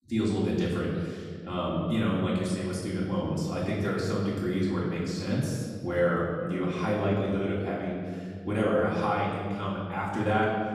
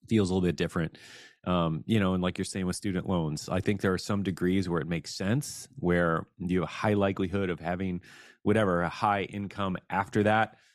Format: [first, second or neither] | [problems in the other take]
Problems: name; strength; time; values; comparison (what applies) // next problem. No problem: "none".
second | room echo; noticeable; dies away in 1.9 s // off-mic speech; far